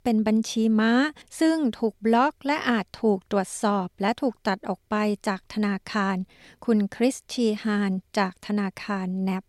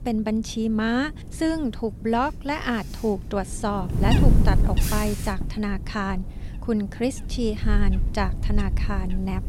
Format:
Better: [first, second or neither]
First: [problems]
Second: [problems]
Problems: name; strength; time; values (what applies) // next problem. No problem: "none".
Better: first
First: none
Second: wind noise on the microphone; heavy; 8 dB below the speech